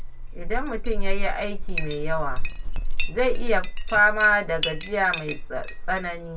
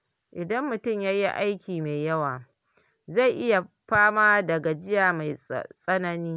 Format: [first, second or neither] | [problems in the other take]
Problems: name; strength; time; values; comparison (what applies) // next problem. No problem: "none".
second | background sound (Chink, clink); 3 dB above the speech // room echo; dies away in 0.2 s